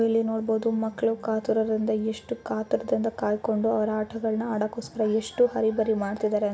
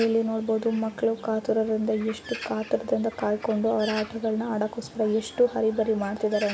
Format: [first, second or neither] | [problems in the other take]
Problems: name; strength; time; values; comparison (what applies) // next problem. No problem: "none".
first | background sound (Bird); 17 dB below the speech